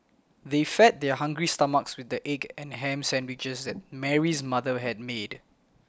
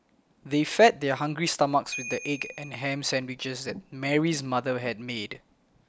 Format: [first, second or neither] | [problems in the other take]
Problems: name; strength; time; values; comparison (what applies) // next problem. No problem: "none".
first | background sound (Ringtone / Bell); 11 dB below the speech